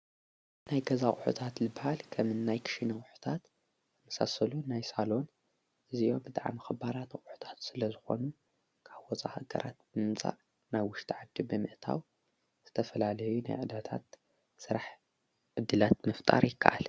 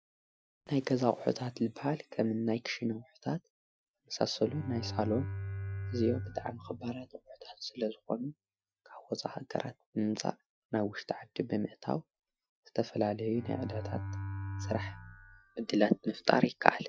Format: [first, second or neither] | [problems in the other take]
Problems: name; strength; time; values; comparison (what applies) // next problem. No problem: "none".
first | noise reduction (classical method Wiener filter)